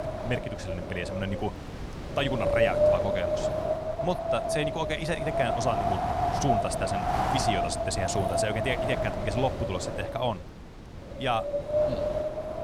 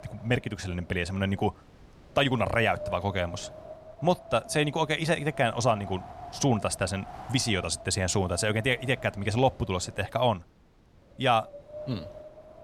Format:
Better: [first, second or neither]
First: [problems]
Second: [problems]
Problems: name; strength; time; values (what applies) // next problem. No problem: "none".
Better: second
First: wind noise on the microphone; heavy; 3 dB above the speech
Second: wind noise on the microphone; occasional gusts; 15 dB below the speech